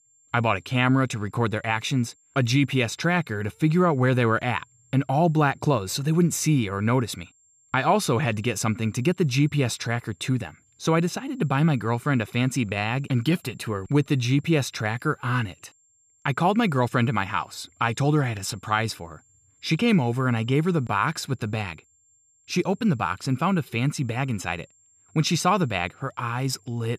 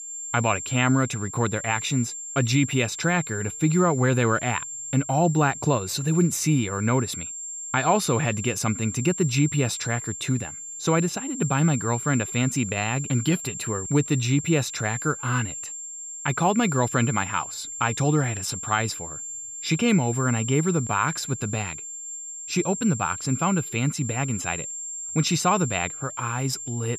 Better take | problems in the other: first | high-pitched whine; loud; throughout; 7.5 kHz, 8 dB below the speech; faint in the first

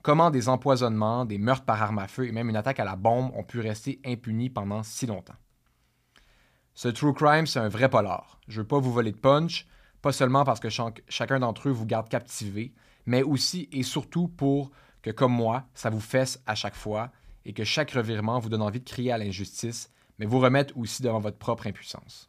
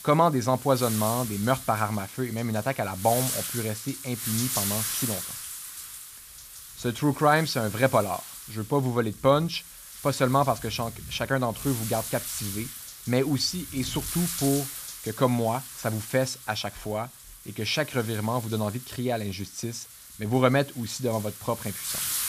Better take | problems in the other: first | wind noise on the microphone; heavy; 10 dB below the speech

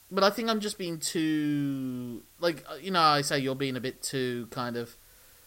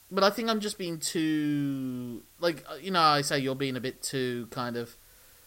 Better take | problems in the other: neither | hiss; faint; throughout; 25 dB below the speech; the same in both

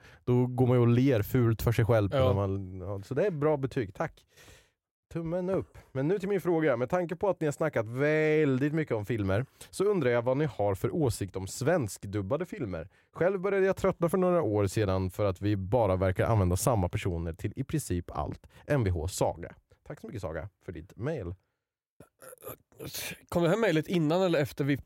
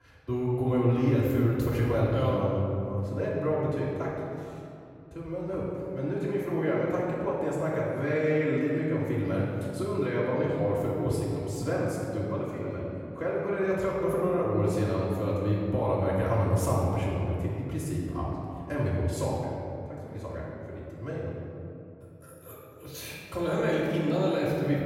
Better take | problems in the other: first | off-mic speech; far // room echo; noticeable; dies away in 2.5 s

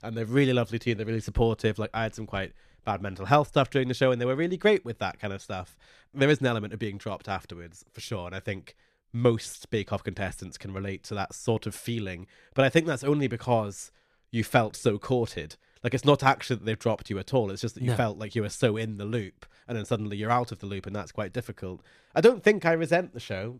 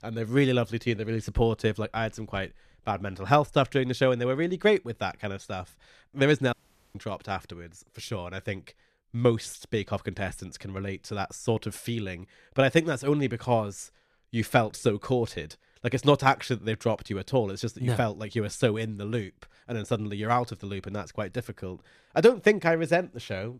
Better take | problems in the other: first | audio cutting out; at 6.5 s

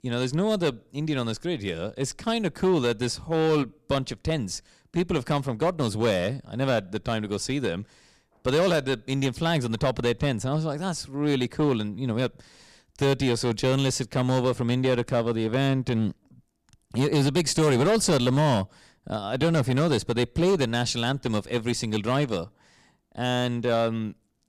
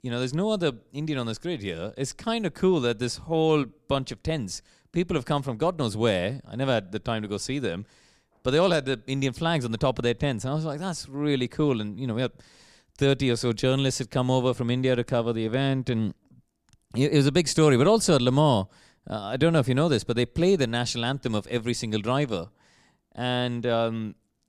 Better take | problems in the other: second | distortion; slight; 6% of the sound clipped

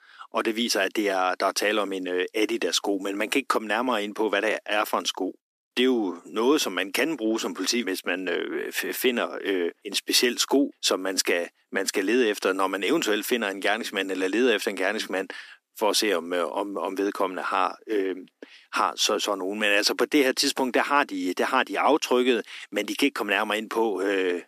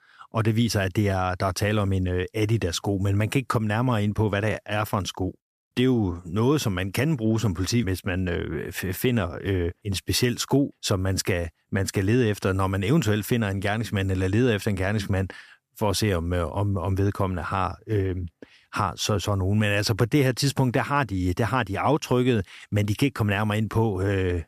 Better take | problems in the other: second | thin; somewhat; fading below 250 Hz

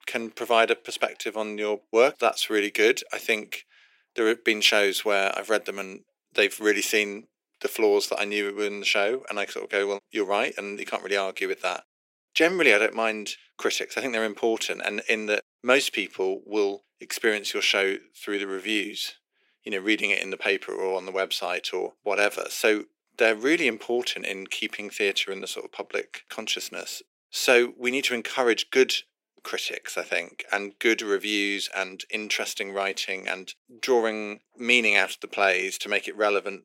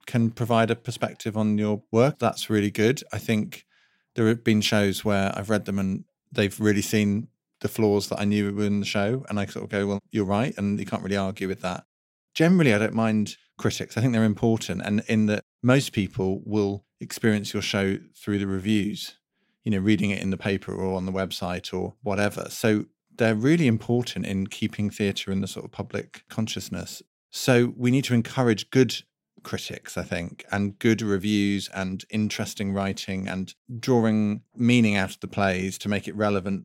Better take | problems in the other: second | thin; very; fading below 350 Hz

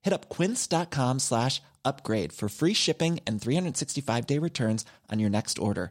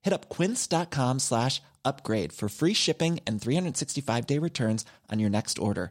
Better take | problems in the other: neither | none

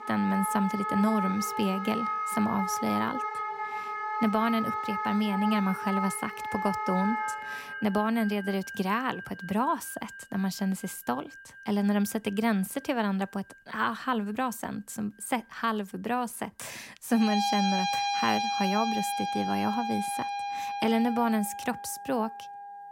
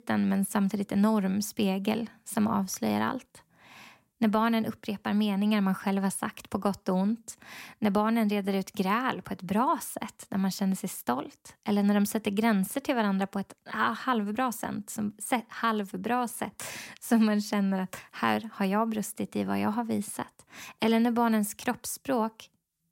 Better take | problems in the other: second | background music; loud; throughout; 3 dB below the speech

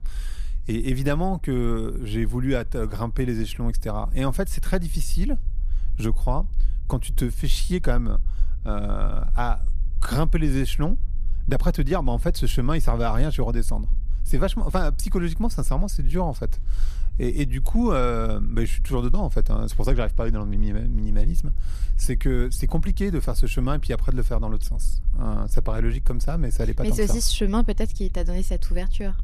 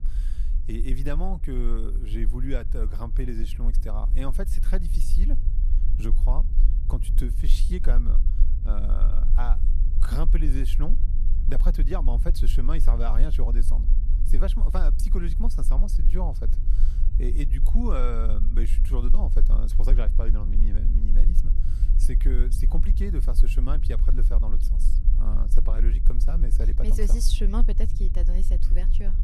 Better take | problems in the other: first | low rumble; loud; throughout; 10 dB below the speech; faint in the first

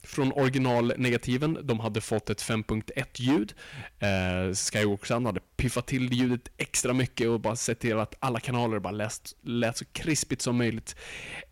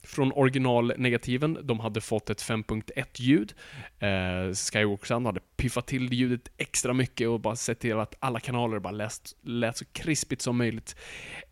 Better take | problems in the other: second | distortion; slight; 6% of the sound clipped

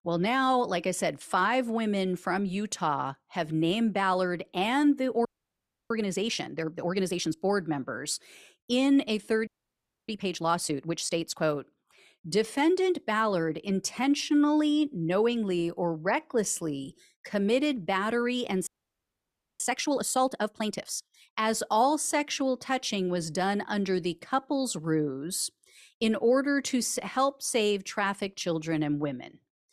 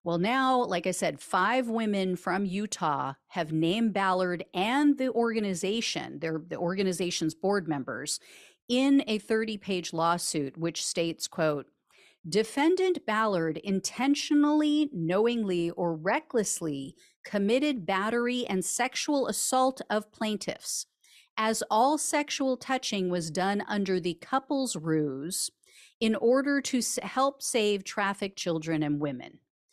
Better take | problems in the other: second | audio freezing; at 5.5 s for 0.5 s, at 9.5 s for 0.5 s and at 19 s for 1 s

